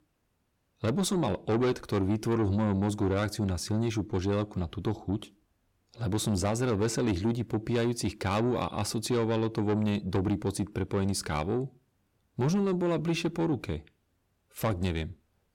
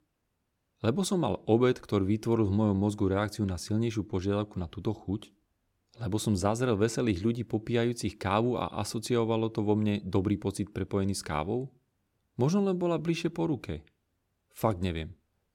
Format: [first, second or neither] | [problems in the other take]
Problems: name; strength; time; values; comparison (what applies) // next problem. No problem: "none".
second | distortion; slight; 10 dB below the speech